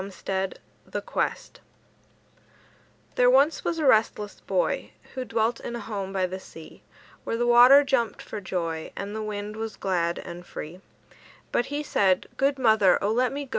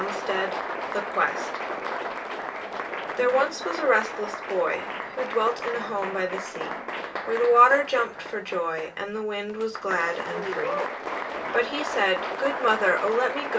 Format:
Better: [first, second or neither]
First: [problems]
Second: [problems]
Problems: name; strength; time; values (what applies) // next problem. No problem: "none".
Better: first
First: none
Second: background sound (Applause); 6 dB below the speech // room echo; dies away in 0.2 s